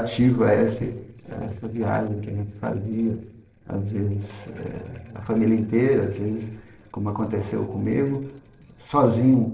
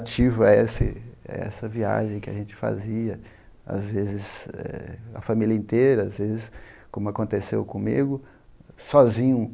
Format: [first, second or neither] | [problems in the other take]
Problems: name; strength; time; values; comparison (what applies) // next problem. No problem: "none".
second | noise reduction (neural separator model SepFormer DNS4)